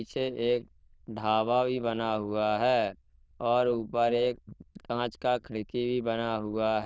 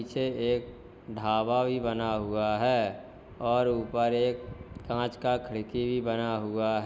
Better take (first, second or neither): second